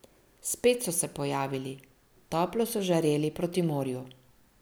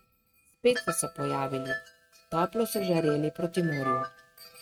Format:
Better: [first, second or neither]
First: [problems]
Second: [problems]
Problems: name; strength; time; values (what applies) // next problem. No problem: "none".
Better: first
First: none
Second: noise reduction (neural mask model RNNoise)